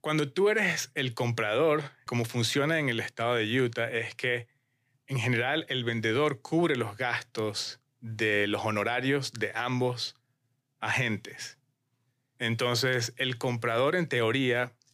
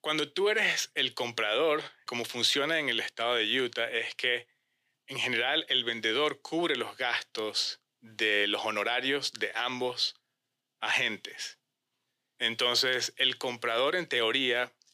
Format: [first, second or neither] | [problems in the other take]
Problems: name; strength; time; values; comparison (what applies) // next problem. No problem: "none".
first | thin; somewhat; fading below 350 Hz